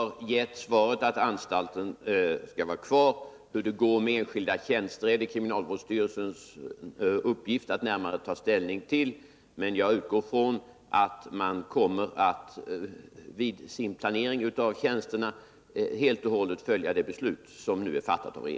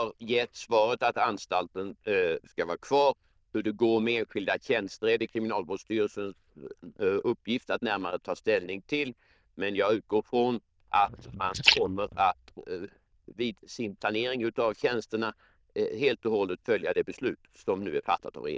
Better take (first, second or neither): first